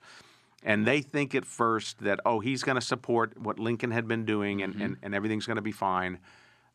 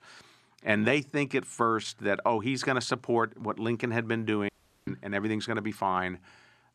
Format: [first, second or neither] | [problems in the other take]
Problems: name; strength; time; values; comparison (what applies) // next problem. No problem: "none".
first | audio cutting out; at 4.5 s